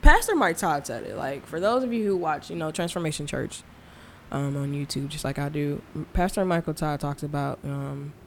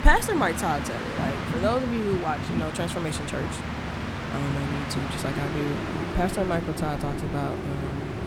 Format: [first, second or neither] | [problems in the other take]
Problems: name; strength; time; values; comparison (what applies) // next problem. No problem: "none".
first | train or aircraft noise; loud; throughout; 2 dB below the speech; faint in the first